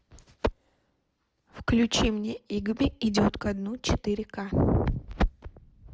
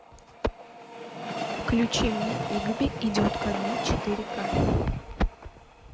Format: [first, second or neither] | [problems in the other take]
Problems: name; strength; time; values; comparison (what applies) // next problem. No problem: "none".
first | background sound (Train); 5 dB below the speech